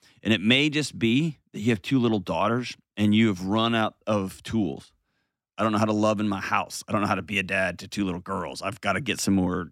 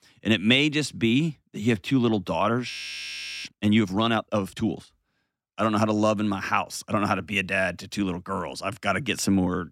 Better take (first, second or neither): first